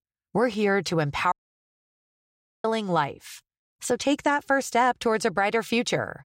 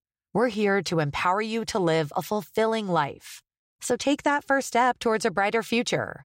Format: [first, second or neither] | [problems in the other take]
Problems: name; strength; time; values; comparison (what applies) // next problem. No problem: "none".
second | audio cutting out; at 1.5 s for 1.5 s